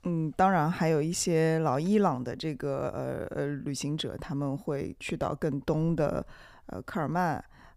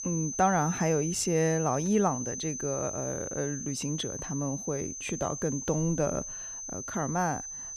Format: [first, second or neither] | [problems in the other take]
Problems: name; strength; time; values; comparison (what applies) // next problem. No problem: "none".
first | high-pitched whine; loud; throughout; 6 kHz, 6 dB below the speech